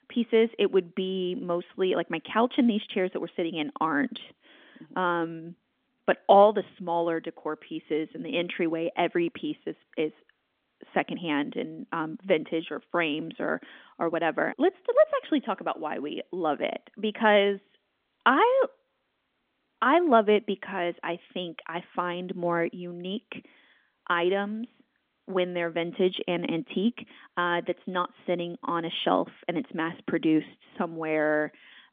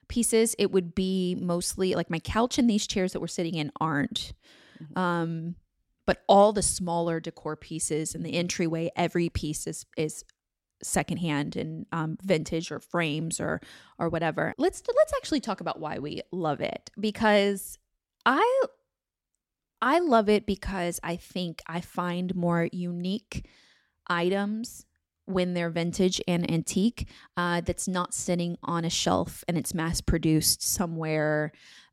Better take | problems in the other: second | phone-call audio; nothing above 3.5 kHz

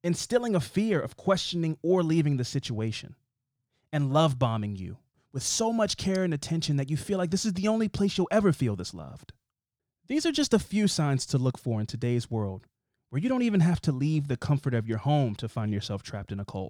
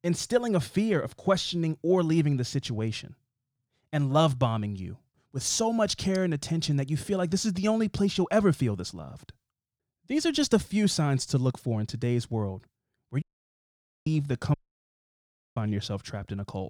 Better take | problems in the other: first | audio cutting out; at 13 s for 1 s and at 15 s for 1 s

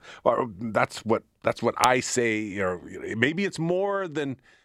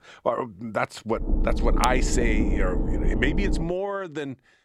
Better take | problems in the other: first | low rumble; loud; from 1 to 3.5 s; 7 dB below the speech

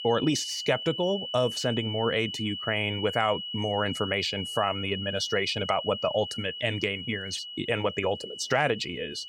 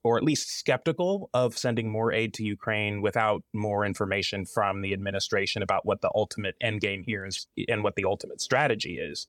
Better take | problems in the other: second | high-pitched whine; loud; throughout; 3 kHz, 6 dB below the speech

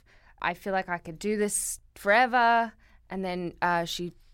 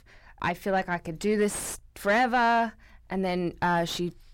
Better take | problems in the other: first | distortion; heavy; 6 dB below the speech

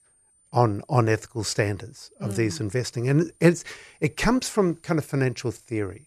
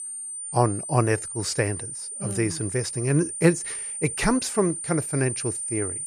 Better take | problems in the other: first | high-pitched whine; loud; throughout; 9 kHz, 5 dB below the speech; faint in the first

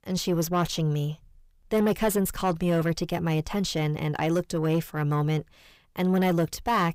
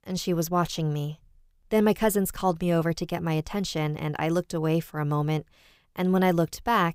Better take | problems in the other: second | distortion; slight; 10 dB below the speech

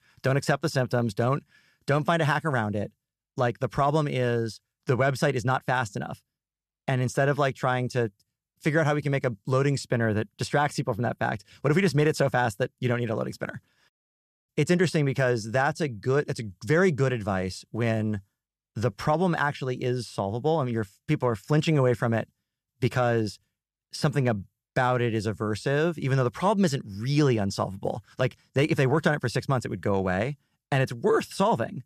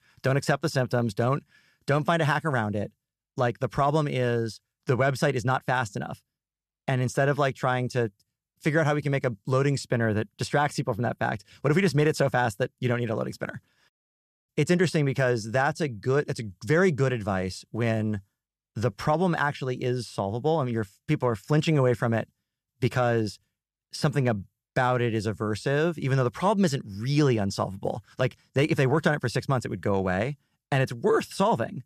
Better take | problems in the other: neither | none

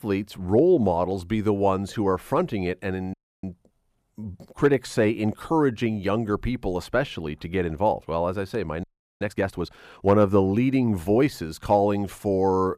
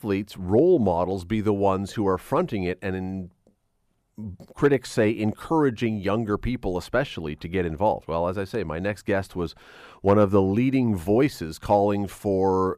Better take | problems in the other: second | audio freezing; at 3 s and at 9 s

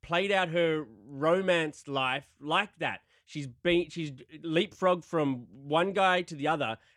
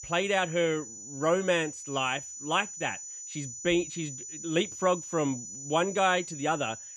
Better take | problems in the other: first | high-pitched whine; noticeable; throughout; 7 kHz, 10 dB below the speech

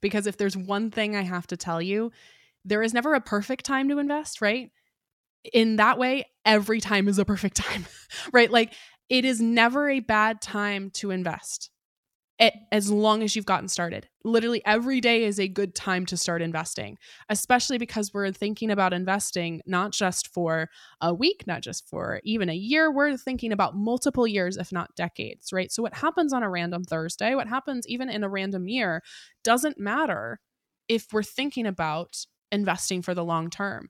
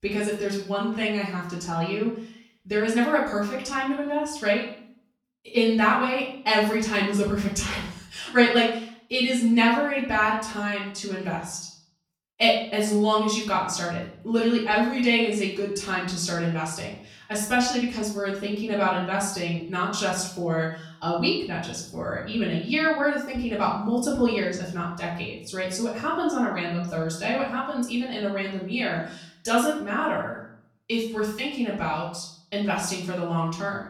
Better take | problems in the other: first | off-mic speech; far // room echo; noticeable; dies away in 0.5 s

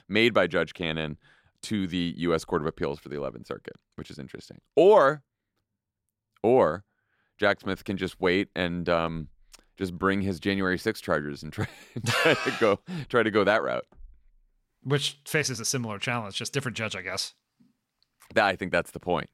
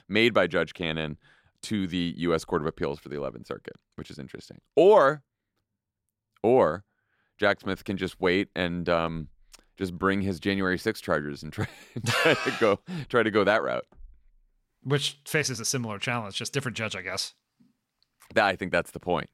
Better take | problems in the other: neither | none

